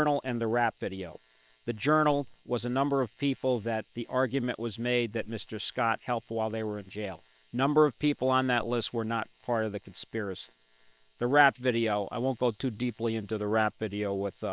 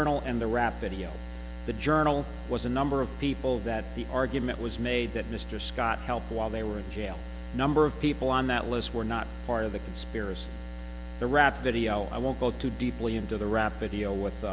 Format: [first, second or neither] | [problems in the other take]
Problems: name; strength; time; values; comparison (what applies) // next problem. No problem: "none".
second | noise reduction (neural separator model SepFormer WHAM!)